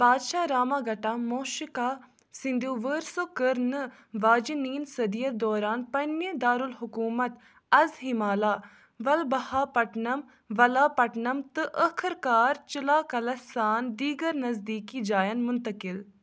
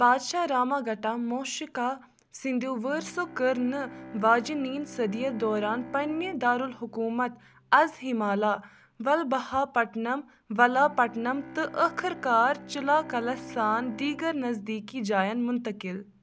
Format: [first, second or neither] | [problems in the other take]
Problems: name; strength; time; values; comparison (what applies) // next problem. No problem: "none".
first | background sound (Bowed string instrument); 18 dB below the speech